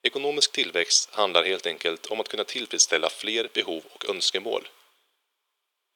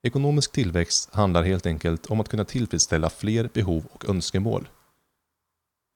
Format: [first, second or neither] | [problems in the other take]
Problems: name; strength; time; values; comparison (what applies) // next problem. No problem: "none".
second | thin; very; fading below 400 Hz